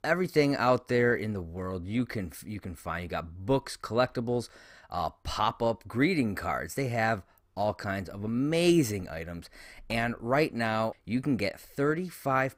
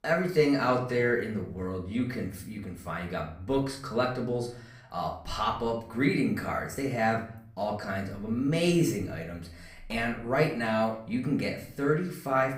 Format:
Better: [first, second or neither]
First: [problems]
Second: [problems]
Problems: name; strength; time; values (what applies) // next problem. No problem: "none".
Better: first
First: none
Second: room echo; slight; dies away in 0.5 s // off-mic speech; far